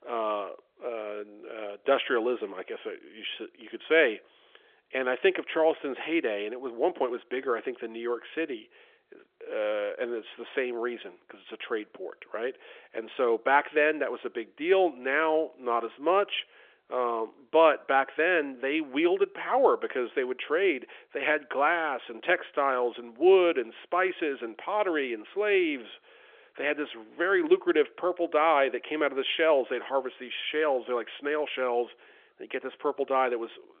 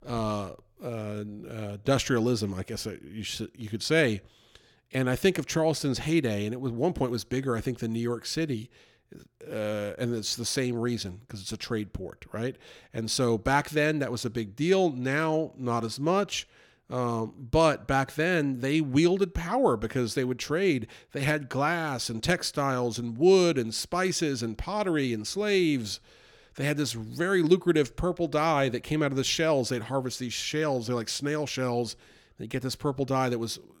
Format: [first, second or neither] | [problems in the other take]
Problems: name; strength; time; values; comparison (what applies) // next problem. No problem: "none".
second | phone-call audio; nothing above 3.5 kHz